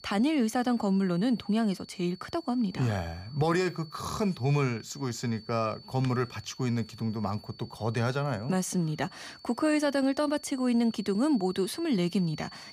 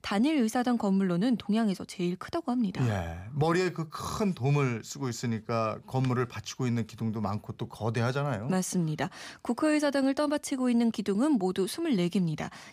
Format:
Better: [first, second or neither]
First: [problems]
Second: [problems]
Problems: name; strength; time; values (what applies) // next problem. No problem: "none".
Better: second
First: high-pitched whine; faint; throughout; 4.5 kHz, 20 dB below the speech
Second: none